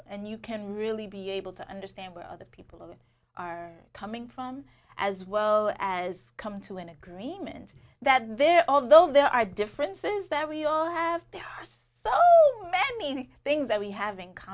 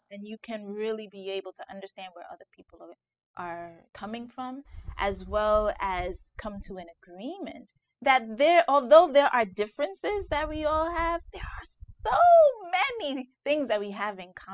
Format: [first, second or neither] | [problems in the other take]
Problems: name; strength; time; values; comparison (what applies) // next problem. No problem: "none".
first | noise reduction (classical method spectral subtraction)